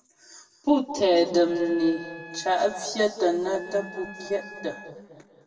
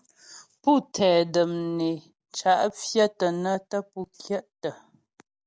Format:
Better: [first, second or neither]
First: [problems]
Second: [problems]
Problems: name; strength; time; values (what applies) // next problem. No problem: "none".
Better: second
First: background sound (Wind instrument, woodwind instrument); 18 dB below the speech // room echo; dies away in 2.1 s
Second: none